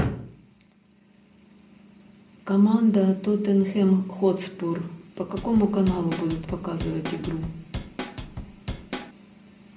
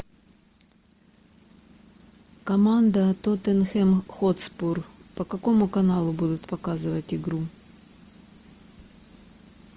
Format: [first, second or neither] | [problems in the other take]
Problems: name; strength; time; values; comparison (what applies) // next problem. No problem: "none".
second | background sound (Drum / Drum kit); 10 dB below the speech // room echo; dies away in 0.5 s